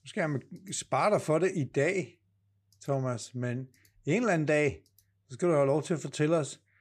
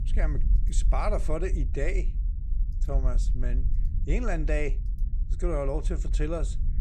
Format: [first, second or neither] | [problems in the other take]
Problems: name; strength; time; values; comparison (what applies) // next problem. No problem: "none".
first | low rumble; noticeable; throughout; 15 dB below the speech